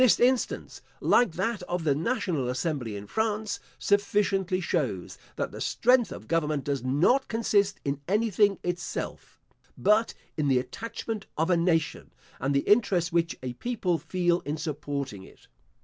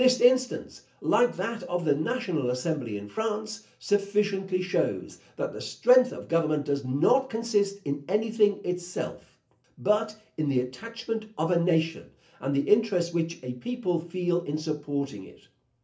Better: first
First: none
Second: room echo; dies away in 0.3 s

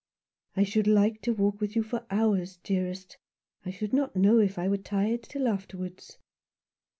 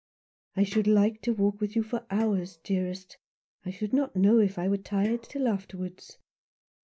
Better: first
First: none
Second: noise reduction (neural mask model DeepFilterNet 3)

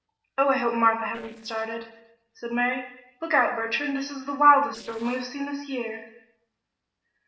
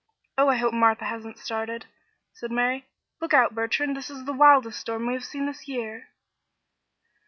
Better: second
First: noise reduction (neural separator model SepFormer DNS4)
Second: none

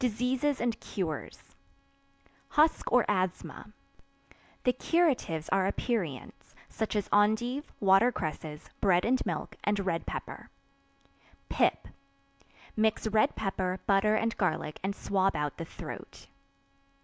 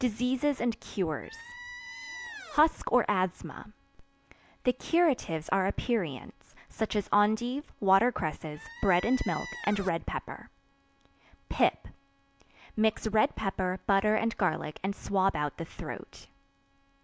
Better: first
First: none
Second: background sound (Squeak); 13 dB below the speech

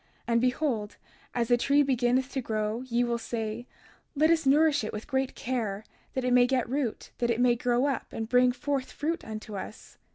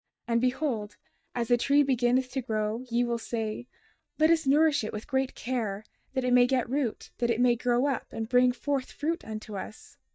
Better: first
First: none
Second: noise reduction (neural mask model DeepFilterNet 3)

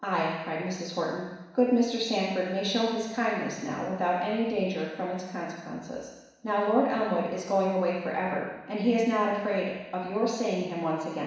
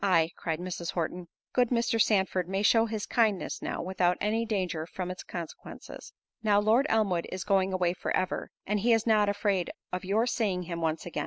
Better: second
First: room echo; dies away in 1.1 s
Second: none

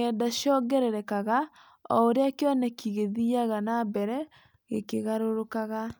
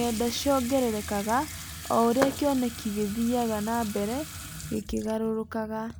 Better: first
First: none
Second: background sound (Fireworks + Sink (filling or washing) / Water tap, faucet); 10 dB below the speech

